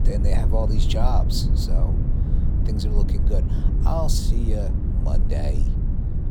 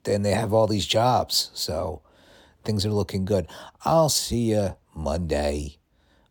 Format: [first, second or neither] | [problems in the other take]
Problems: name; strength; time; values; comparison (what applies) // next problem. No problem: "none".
second | low rumble; loud; throughout; 6 dB below the speech